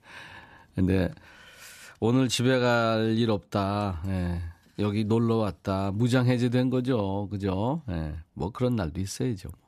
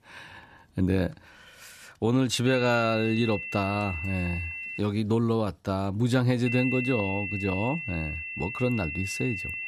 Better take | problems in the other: first | high-pitched whine; loud; from 2.5 to 5 s and from 6.5 s on; 2.5 kHz, 6 dB below the speech

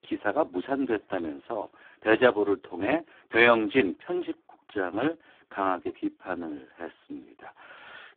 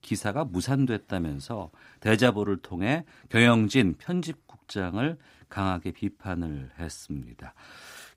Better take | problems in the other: second | phone-call audio; poor line

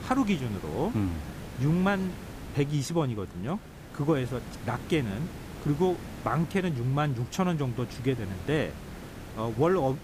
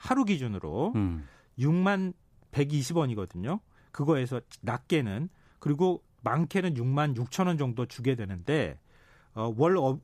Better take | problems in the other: second | hiss; noticeable; throughout; 15 dB below the speech

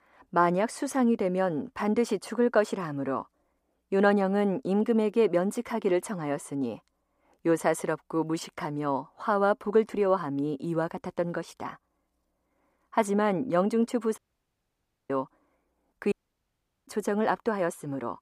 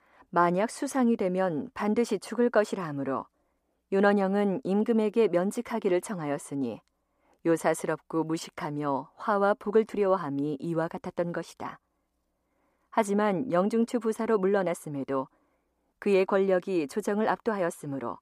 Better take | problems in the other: second | audio cutting out; at 14 s for 1 s and at 16 s for 1 s

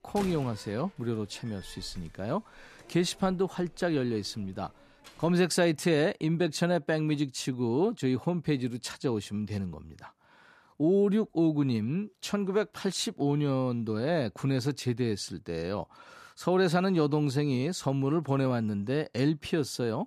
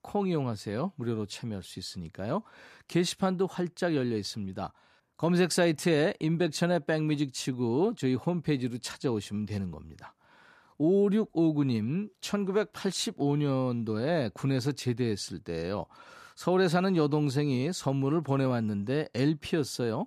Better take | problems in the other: second | door banging; faint; until 5.5 s; peak 10 dB below the speech

